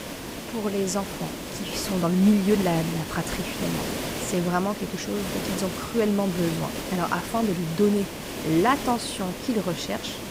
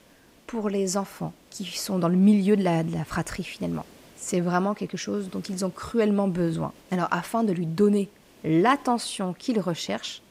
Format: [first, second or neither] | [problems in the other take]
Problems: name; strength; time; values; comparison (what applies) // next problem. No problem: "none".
second | hiss; loud; throughout; 6 dB below the speech; faint in the second